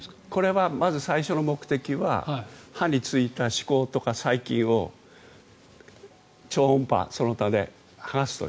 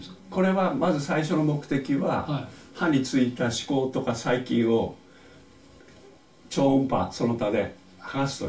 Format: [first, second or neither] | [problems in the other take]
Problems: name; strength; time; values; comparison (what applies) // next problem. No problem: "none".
first | room echo; dies away in 0.2 s